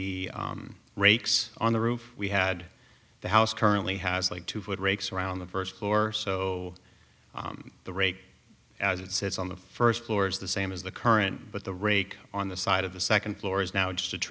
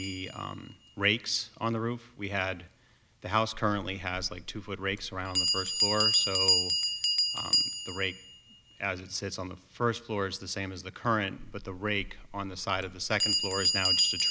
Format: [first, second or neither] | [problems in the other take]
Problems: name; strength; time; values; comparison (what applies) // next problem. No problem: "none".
first | background sound (Bell); 1 dB above the speech